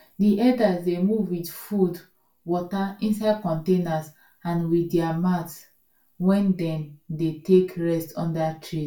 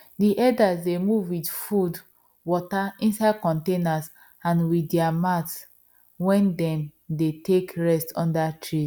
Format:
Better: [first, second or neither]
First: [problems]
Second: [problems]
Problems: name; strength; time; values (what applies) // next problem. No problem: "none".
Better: second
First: room echo; dies away in 0.2 s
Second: none